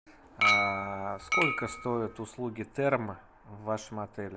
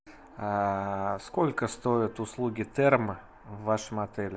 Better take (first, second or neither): second